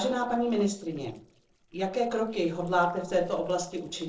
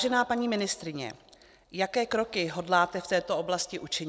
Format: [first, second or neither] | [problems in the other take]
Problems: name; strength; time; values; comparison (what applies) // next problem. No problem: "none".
second | noise reduction (neural separator model SepFormer DNS4)